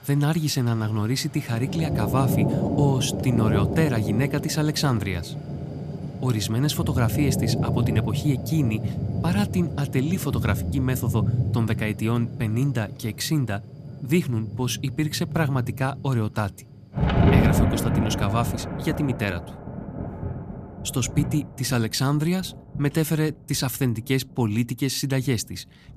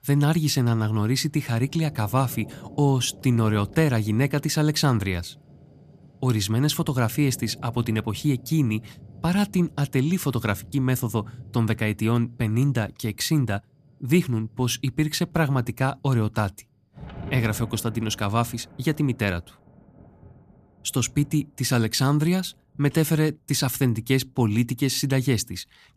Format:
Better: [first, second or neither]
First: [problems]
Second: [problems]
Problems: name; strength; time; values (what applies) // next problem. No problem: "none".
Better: second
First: rain or running water; loud; throughout; 2 dB below the speech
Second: rain or running water; faint; throughout; 20 dB below the speech